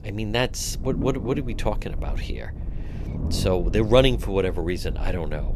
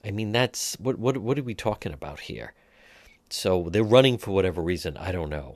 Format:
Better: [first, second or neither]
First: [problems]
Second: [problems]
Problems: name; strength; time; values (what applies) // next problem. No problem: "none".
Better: second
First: low rumble; noticeable; throughout; 15 dB below the speech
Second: none